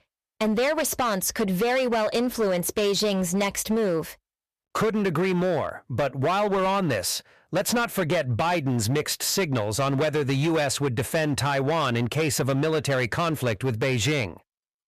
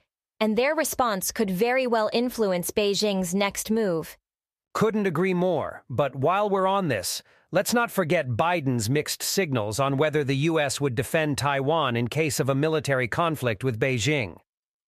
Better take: second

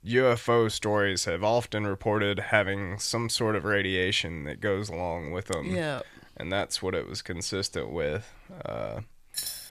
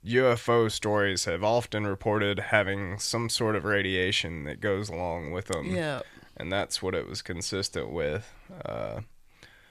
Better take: second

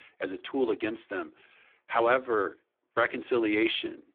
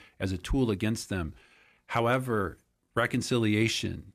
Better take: second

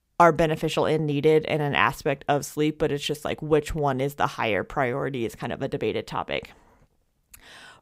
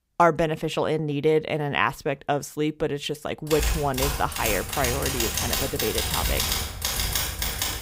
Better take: first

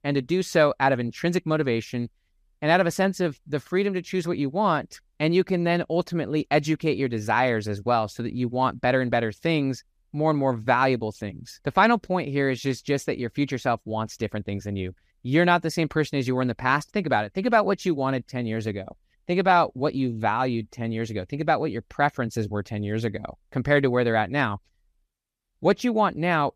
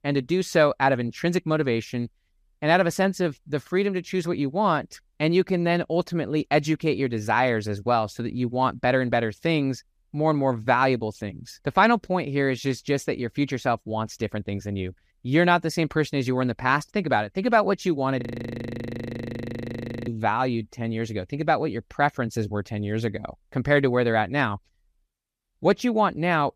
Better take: first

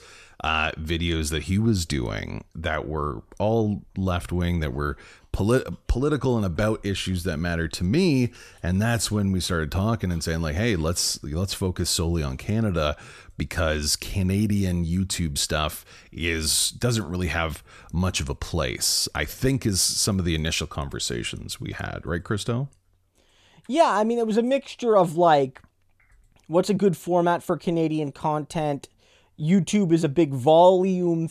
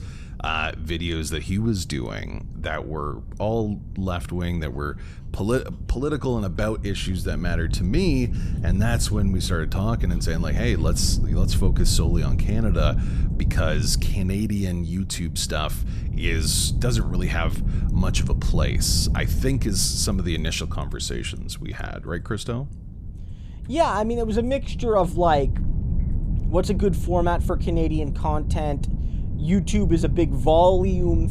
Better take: first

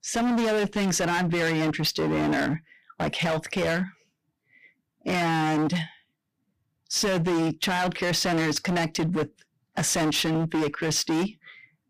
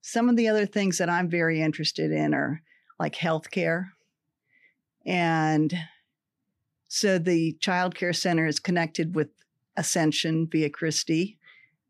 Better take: second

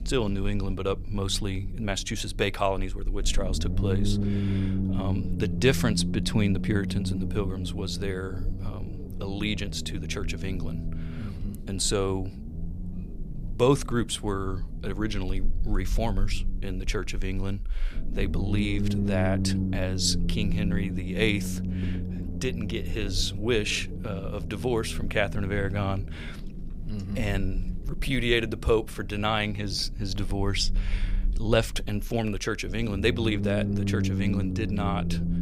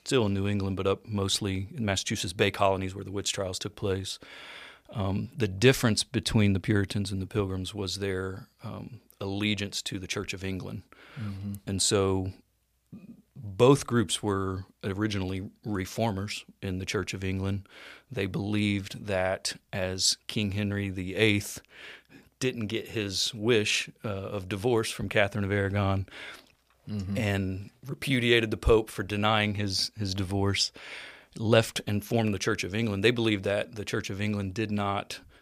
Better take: second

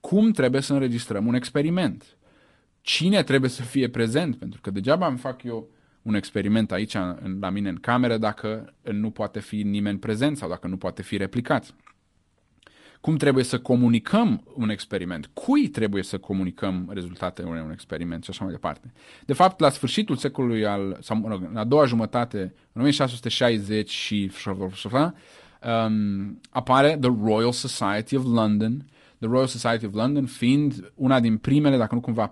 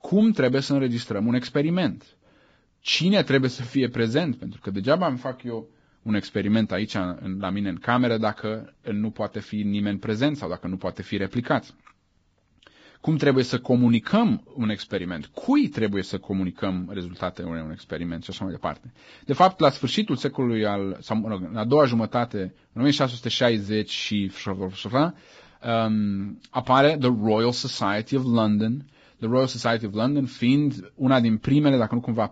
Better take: first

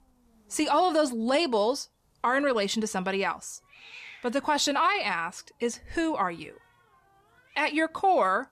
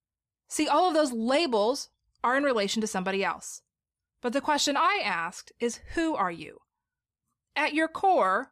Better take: second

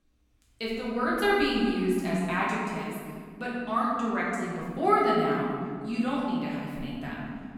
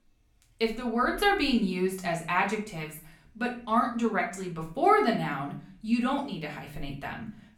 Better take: second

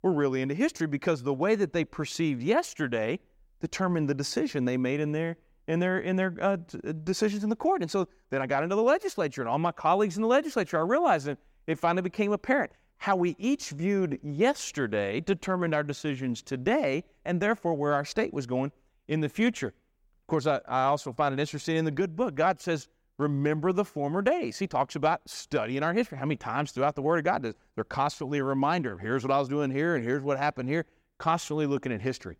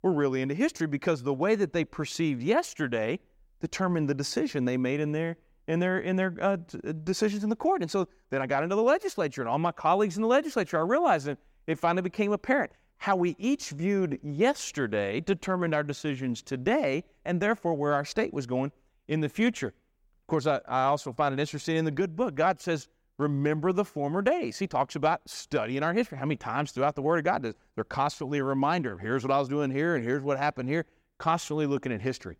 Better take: neither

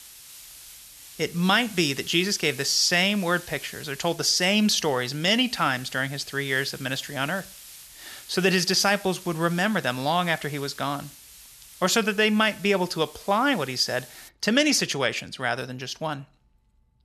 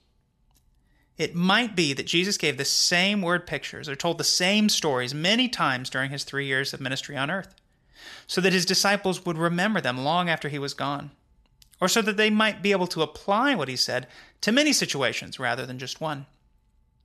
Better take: second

